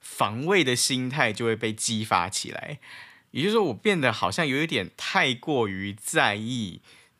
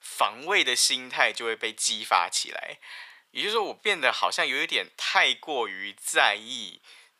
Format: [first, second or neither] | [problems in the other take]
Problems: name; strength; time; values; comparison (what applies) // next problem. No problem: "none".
first | thin; very; fading below 650 Hz